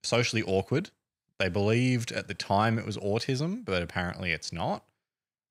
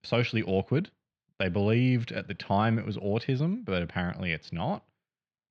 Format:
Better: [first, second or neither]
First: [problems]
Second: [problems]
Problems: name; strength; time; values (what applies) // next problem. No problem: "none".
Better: first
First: none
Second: muffled; slightly; fading above 3.5 kHz